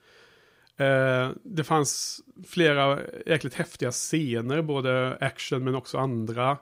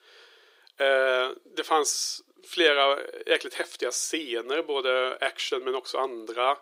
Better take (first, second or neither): first